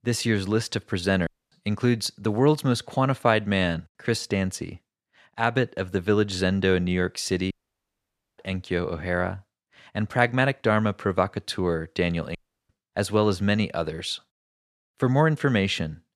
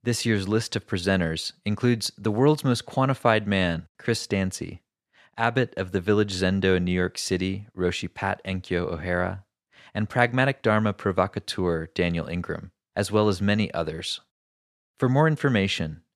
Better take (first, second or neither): second